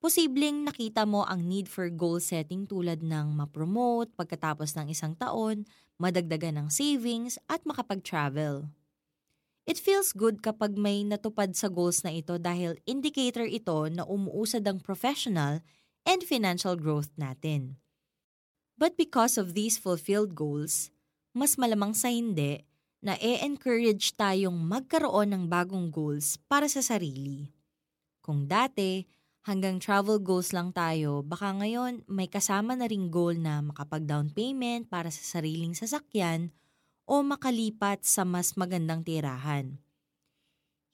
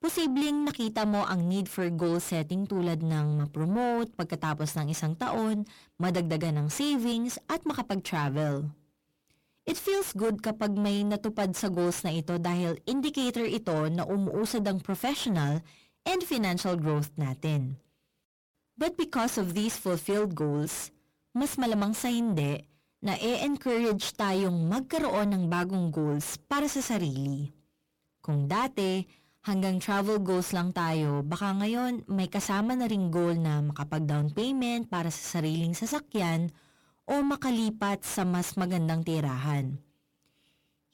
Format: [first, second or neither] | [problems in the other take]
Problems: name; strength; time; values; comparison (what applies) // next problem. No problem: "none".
first | distortion; heavy; 7 dB below the speech